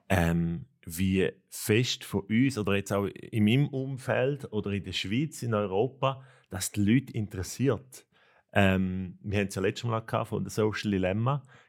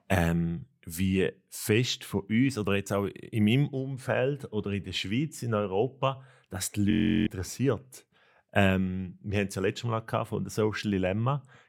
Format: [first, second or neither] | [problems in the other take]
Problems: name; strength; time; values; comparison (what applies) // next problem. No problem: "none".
first | audio freezing; at 7 s